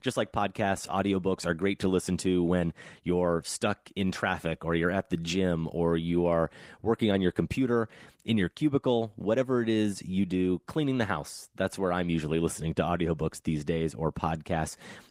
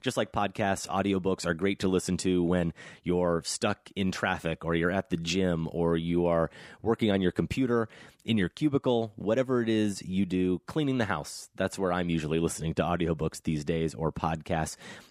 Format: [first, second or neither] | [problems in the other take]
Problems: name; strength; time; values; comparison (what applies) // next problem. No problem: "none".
second | garbled, watery; slightly; nothing above 15.5 kHz